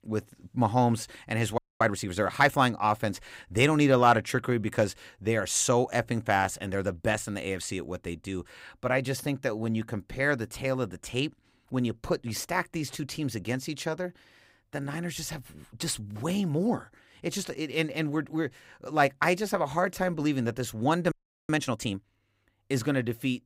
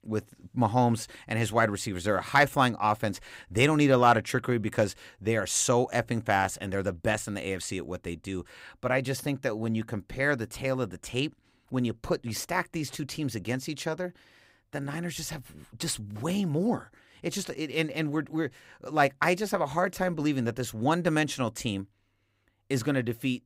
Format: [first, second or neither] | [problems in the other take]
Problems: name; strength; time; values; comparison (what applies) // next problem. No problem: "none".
second | audio freezing; at 1.5 s and at 21 s